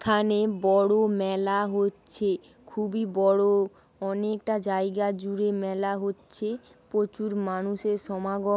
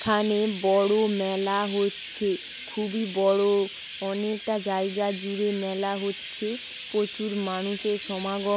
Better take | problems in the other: first | background sound (Chirp, tweet); 13 dB below the speech

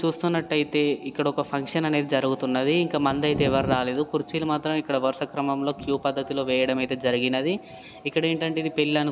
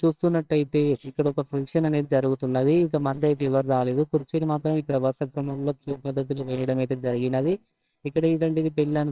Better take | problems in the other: first | noise reduction (neural separator model SepFormer WHAMR!)

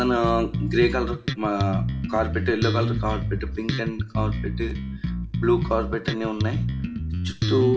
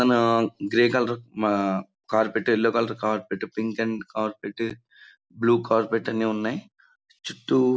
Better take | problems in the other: second | background sound (Bass guitar); 1 dB below the speech // room echo; dies away in 1.4 s

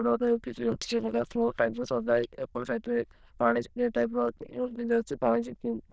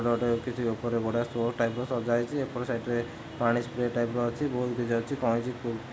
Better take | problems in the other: second | noise reduction (neural diffusion model UNIVERSE++)

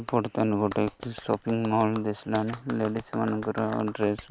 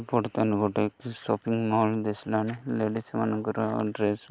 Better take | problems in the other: second | background sound (Clapping); 16 dB below the speech

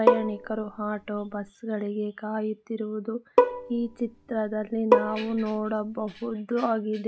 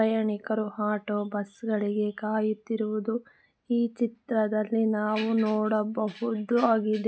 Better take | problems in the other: second | background sound (Bowed string instrument); 2 dB above the speech

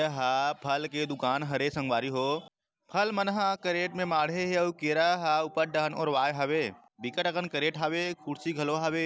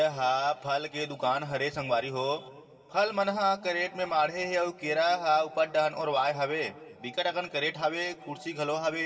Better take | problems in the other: first | room echo; dies away in 3 s

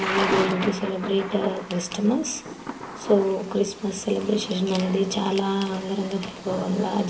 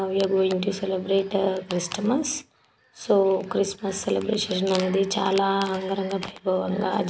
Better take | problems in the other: second | background sound (Thunder / Rain); 8 dB below the speech // room echo; dies away in 1.3 s

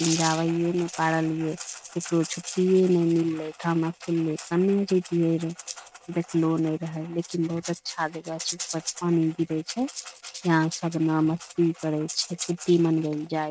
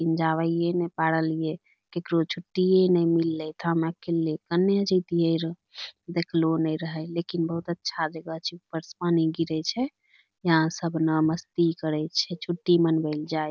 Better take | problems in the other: second | noise reduction (neural mask model RNNoise)

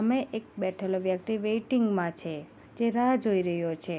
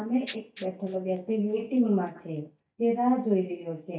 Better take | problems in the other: first | noise reduction (neural mask model DeepFilterNet 3)

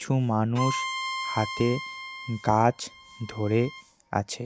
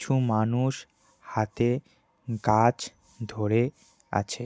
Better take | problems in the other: second | background sound (Bowed string instrument); 8 dB below the speech

